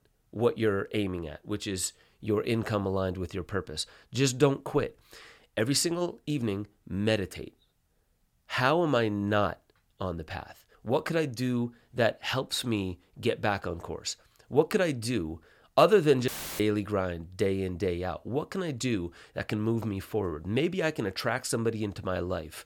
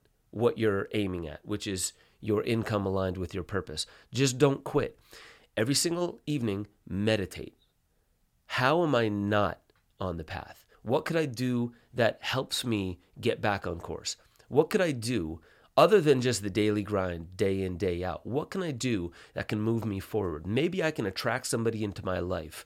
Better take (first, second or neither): second